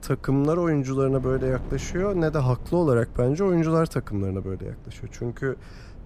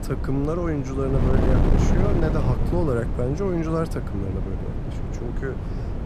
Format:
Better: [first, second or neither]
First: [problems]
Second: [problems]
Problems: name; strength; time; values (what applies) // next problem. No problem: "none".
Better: first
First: wind noise on the microphone; occasional gusts; 20 dB below the speech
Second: wind noise on the microphone; heavy; 4 dB below the speech